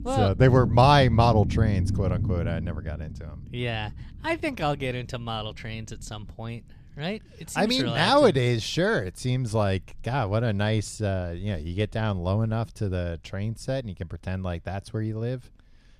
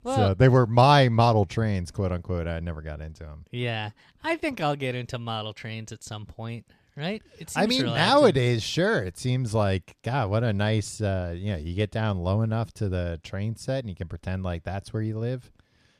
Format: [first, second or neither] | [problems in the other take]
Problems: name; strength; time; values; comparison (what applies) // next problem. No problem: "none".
second | low rumble; noticeable; throughout; 15 dB below the speech